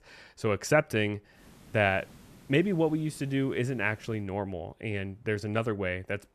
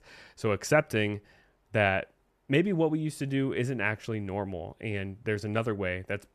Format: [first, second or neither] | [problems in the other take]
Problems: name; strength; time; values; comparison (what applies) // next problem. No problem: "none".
second | hiss; faint; from 1.5 to 4 s; 25 dB below the speech